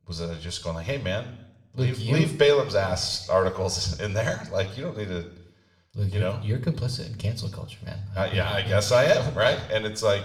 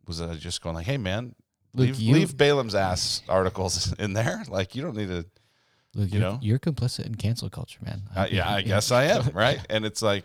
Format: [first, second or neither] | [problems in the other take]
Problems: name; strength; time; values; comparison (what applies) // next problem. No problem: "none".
second | room echo; very slight; dies away in 0.6 s